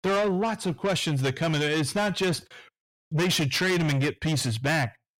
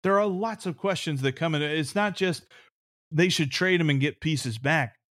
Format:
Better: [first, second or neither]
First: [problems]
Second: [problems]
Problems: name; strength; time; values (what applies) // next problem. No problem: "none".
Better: second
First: distortion; heavy; 6 dB below the speech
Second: none